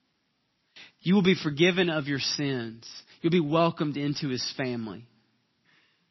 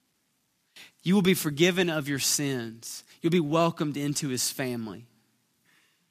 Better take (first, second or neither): second